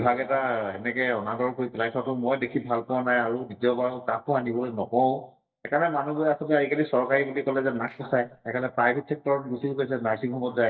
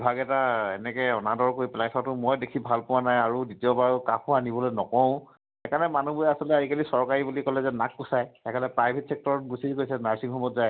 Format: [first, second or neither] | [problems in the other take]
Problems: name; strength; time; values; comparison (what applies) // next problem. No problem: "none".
second | noise reduction (neural mask model DeepFilterNet 3)